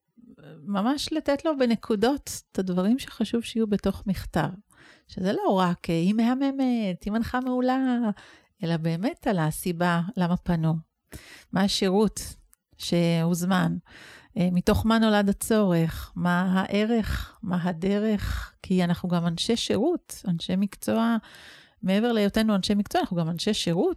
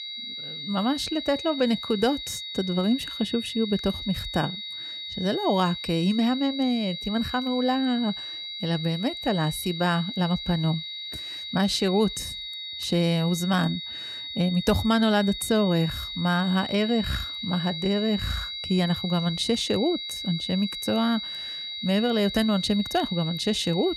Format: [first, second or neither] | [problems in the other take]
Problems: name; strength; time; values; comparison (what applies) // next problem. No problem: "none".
first | high-pitched whine; loud; throughout; 4 kHz, 7 dB below the speech